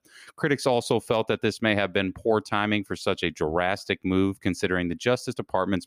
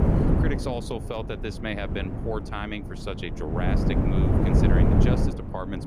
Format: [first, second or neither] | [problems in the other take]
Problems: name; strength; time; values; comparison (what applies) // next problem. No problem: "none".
first | wind noise on the microphone; heavy; 2 dB above the speech